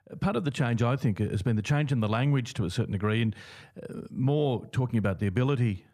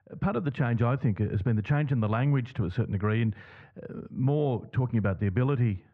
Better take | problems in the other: first | muffled; very; fading above 2 kHz

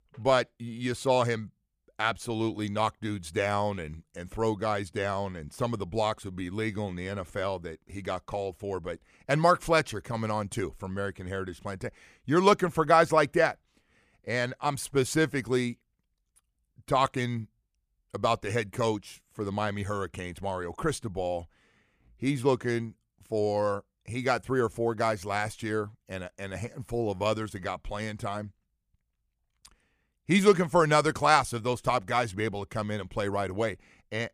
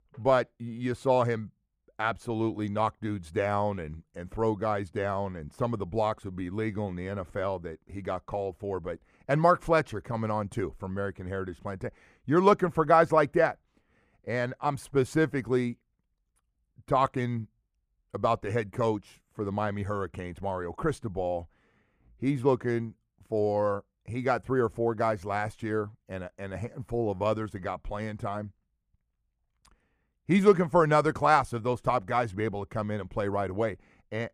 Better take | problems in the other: first | muffled; slightly; fading above 2 kHz

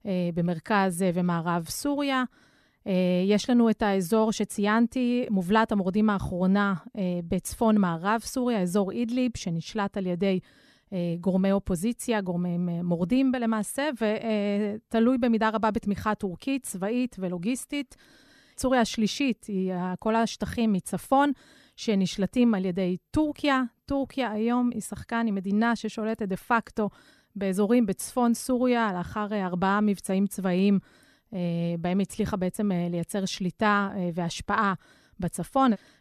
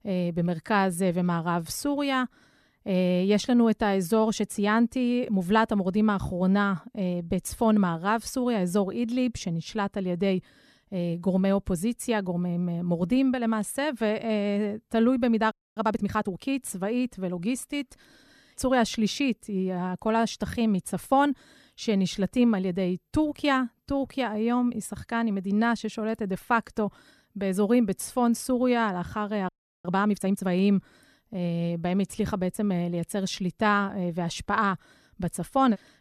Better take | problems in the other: first | audio freezing; at 16 s and at 29 s

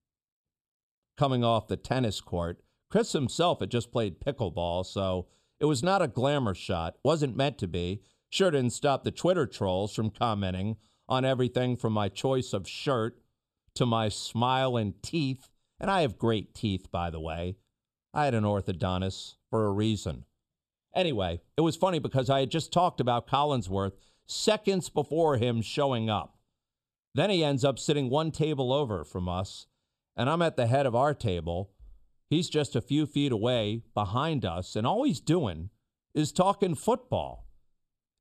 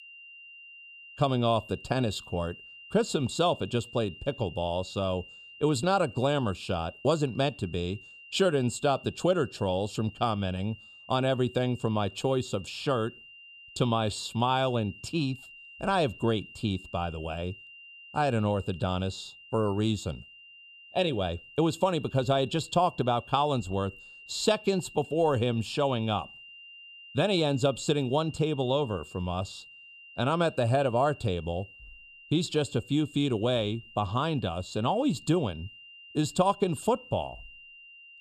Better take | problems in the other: first | high-pitched whine; noticeable; throughout; 3 kHz, 20 dB below the speech

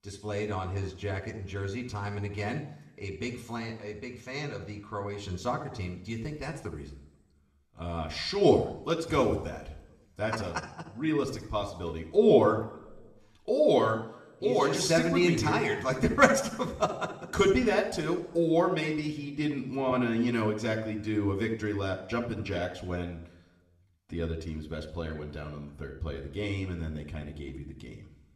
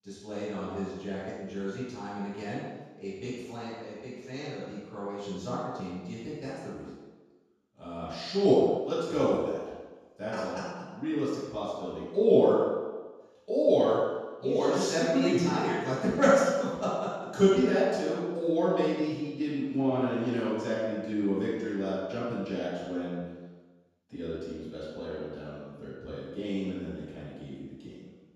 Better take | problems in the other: first | room echo; strong; dies away in 1.2 s; slight in the first // off-mic speech; far; somewhat distant in the first

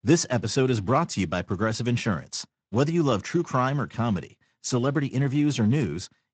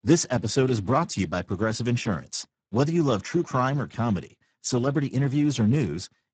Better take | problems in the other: first | garbled, watery; badly; nothing above 7.5 kHz; slightly in the first

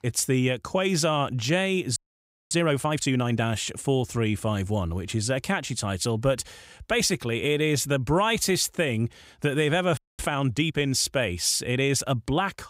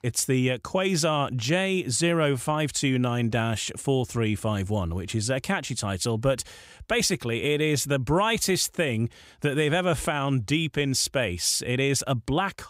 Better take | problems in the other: second | audio freezing; at 2 s for 0.5 s and at 10 s

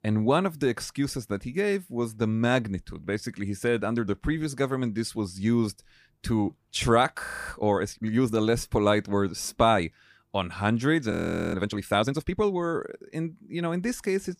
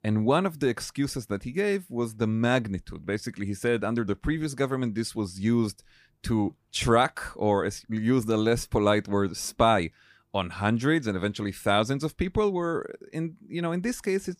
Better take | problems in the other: second | audio freezing; at 7.5 s and at 11 s

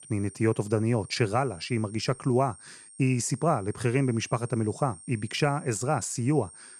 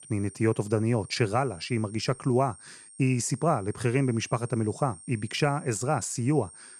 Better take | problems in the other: neither | high-pitched whine; noticeable; throughout; 8.5 kHz, 20 dB below the speech; the same in both

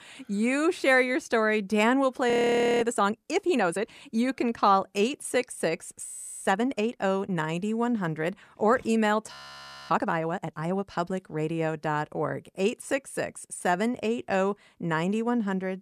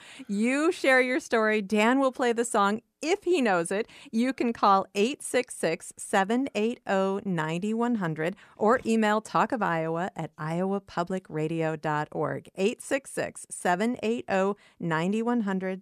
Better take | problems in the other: second | audio freezing; at 2.5 s for 0.5 s, at 6 s and at 9.5 s for 0.5 s

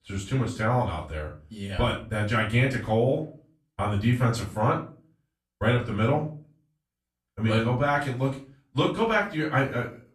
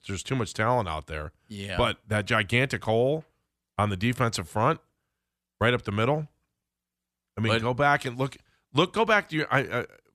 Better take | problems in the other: second | room echo; slight; dies away in 0.4 s // off-mic speech; far

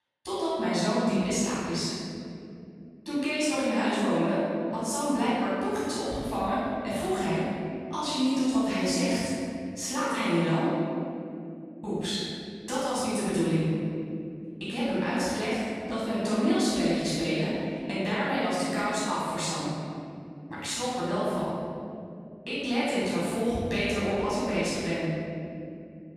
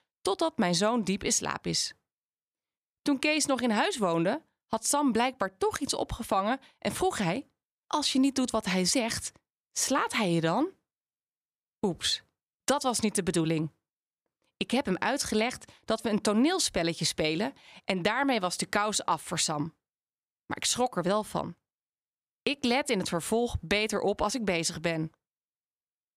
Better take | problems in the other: second | room echo; strong; dies away in 2.7 s // off-mic speech; far

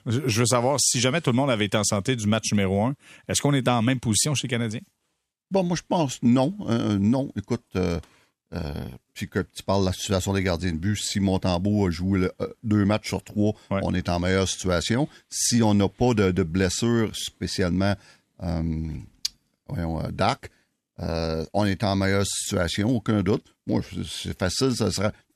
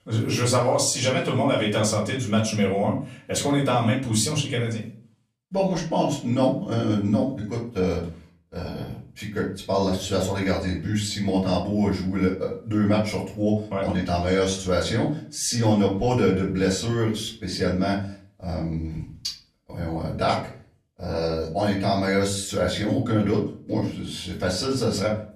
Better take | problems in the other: first | off-mic speech; far // room echo; slight; dies away in 0.4 s

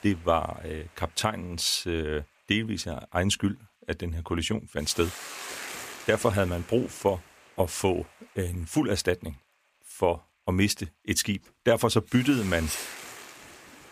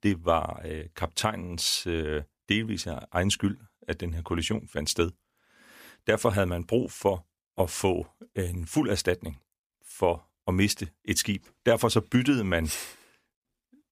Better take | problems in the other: second | hiss; noticeable; throughout; 15 dB below the speech

